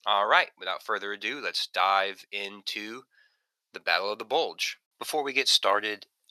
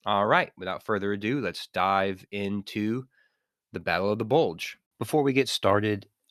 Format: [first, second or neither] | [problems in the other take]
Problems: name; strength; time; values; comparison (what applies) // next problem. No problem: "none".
second | thin; very; fading below 700 Hz